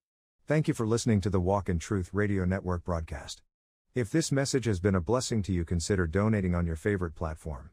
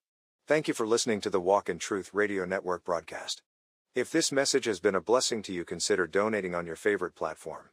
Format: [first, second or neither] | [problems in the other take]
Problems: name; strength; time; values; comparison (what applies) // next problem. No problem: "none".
first | thin; somewhat; fading below 400 Hz